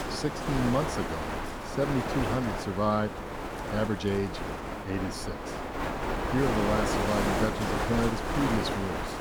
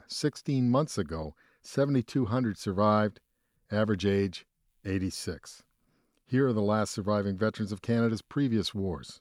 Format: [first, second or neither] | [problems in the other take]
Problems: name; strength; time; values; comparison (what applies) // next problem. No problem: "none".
second | wind noise on the microphone; heavy; 1 dB above the speech